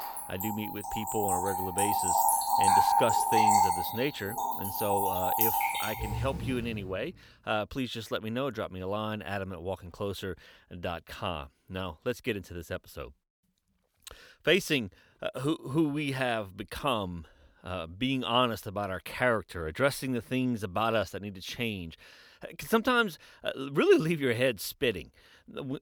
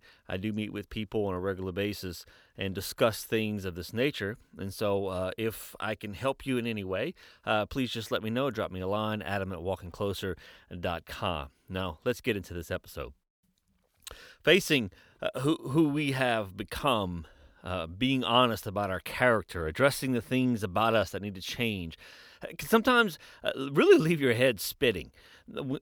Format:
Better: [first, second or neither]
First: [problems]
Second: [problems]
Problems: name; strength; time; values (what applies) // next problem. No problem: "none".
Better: second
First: rain or running water; very loud; until 6.5 s; 4 dB above the speech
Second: none